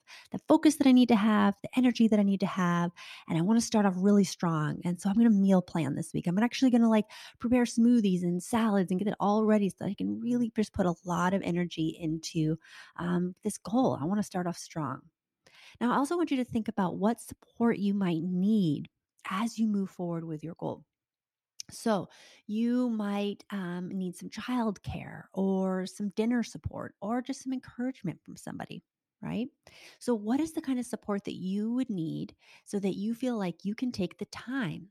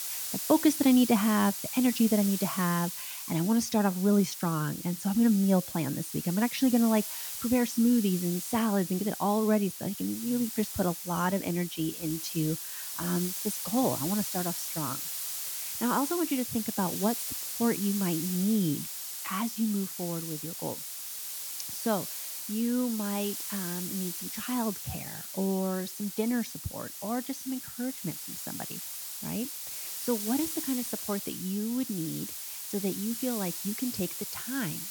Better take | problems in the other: first | hiss; loud; throughout; 5 dB below the speech

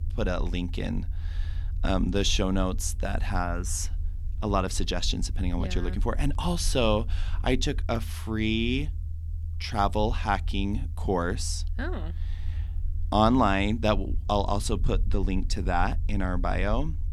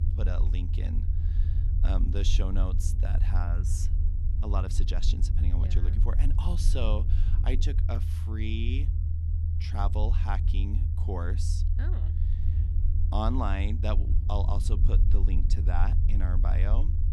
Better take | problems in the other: first | low rumble; loud; throughout; 7 dB below the speech; faint in the first

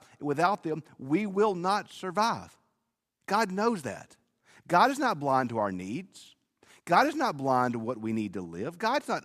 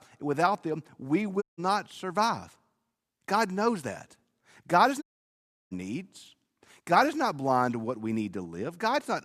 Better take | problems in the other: first | audio cutting out; at 1.5 s and at 5 s for 0.5 s

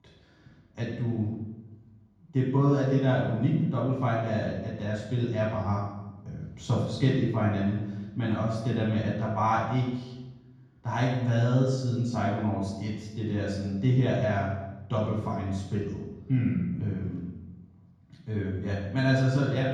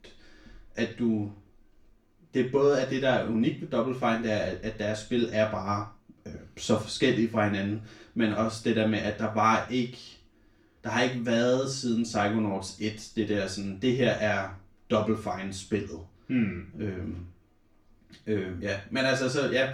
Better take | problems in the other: second | room echo; strong; dies away in 1.3 s; slight in the second // off-mic speech; far; far in the second

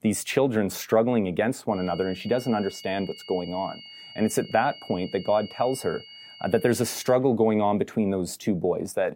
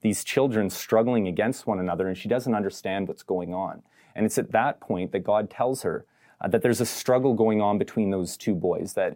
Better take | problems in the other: second | high-pitched whine; noticeable; from 1.5 to 7 s; 3 kHz, 15 dB below the speech

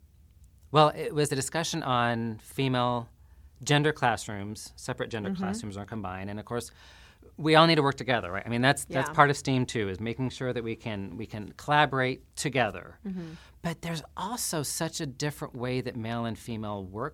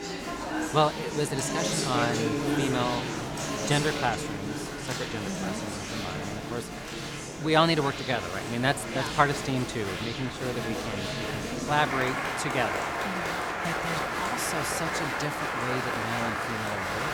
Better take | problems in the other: first | crowd noise; loud; throughout; 1 dB below the speech

